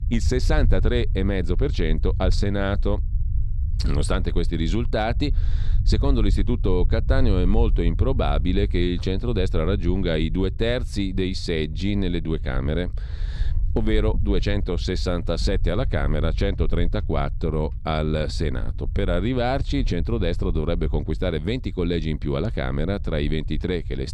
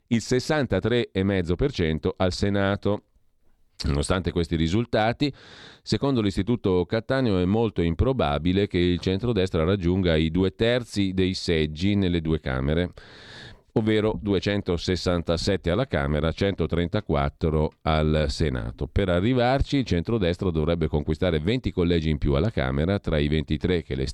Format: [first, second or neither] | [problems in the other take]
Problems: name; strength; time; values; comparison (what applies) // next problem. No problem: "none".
second | low rumble; noticeable; throughout; 20 dB below the speech